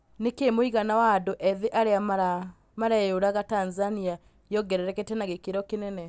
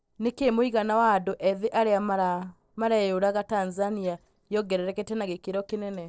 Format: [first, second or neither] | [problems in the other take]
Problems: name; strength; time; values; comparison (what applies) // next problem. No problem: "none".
first | noise reduction (neural separator model SepFormer DNS4)